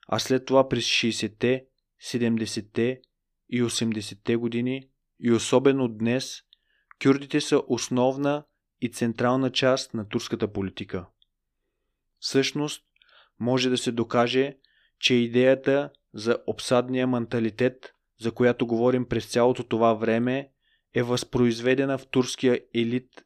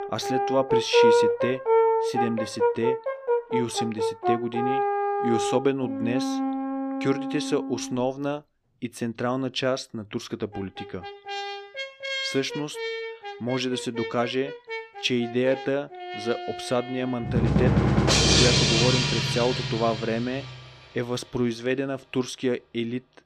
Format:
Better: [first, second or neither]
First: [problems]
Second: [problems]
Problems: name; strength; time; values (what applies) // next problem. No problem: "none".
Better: first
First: none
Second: background music; very loud; throughout; 3 dB above the speech